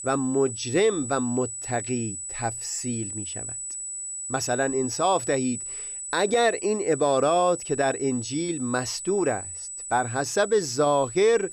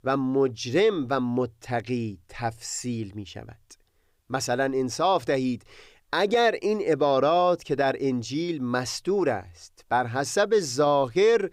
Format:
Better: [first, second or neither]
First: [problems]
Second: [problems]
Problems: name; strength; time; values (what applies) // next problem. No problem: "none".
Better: second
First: high-pitched whine; loud; throughout; 8 kHz, 7 dB below the speech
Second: none